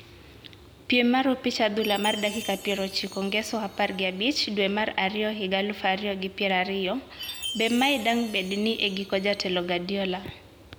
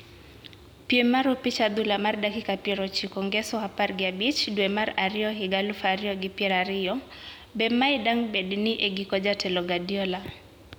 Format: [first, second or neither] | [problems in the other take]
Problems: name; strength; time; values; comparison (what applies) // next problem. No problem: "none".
second | background sound (Chime); 16 dB below the speech